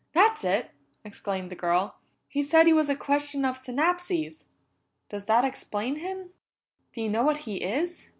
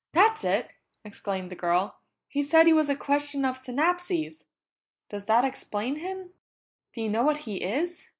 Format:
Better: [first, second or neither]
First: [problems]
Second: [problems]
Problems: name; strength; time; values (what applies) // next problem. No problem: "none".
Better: first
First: none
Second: noise reduction (neural mask model Resemble Enhance denoiser)